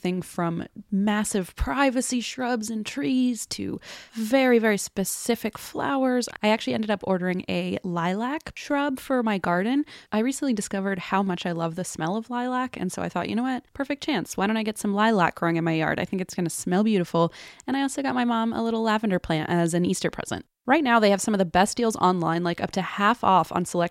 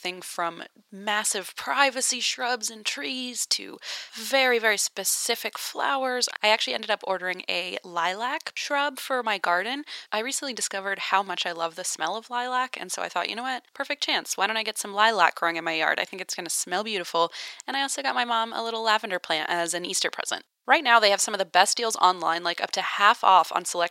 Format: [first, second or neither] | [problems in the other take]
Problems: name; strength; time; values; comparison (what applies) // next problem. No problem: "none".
first | thin; very; fading below 700 Hz